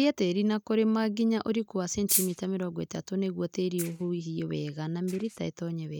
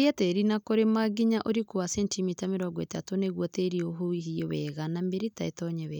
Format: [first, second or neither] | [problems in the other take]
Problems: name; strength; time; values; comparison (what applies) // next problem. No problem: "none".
second | noise reduction (neural mask model RNNoise)